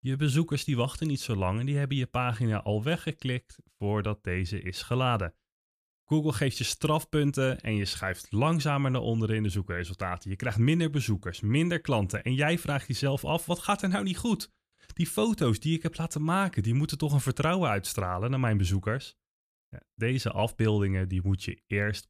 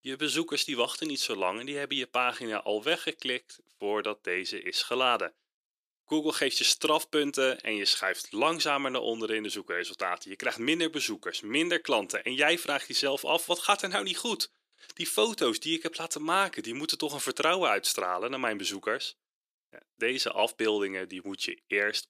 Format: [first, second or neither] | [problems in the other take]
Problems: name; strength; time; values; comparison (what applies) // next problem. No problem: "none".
first | thin; very; fading below 350 Hz